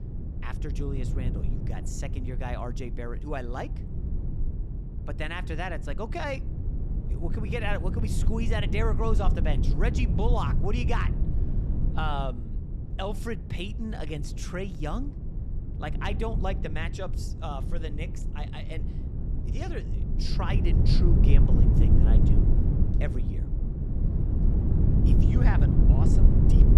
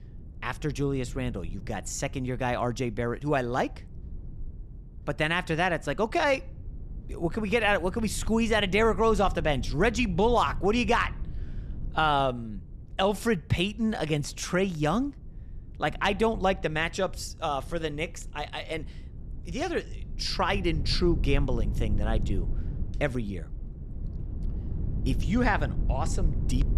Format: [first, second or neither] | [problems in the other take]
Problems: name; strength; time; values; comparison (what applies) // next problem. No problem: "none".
second | low rumble; loud; throughout; 5 dB below the speech; faint in the second